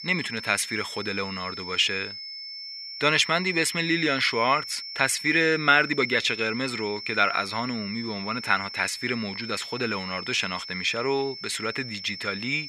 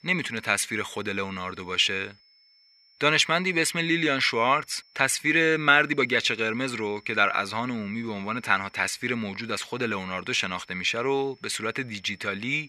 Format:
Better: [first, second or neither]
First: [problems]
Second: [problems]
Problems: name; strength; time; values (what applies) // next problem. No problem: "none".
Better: second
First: high-pitched whine; loud; throughout; 5.5 kHz, 10 dB below the speech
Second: high-pitched whine; faint; throughout; 5.5 kHz, 30 dB below the speech